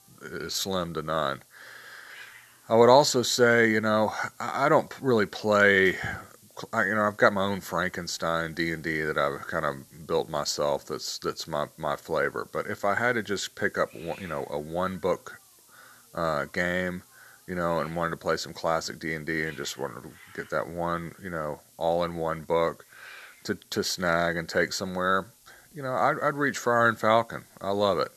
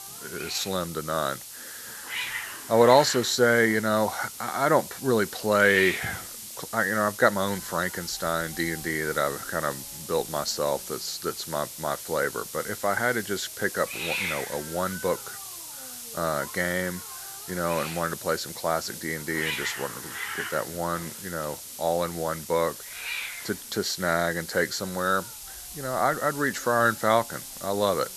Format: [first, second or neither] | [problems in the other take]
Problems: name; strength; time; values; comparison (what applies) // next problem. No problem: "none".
first | hiss; loud; throughout; 9 dB below the speech; faint in the first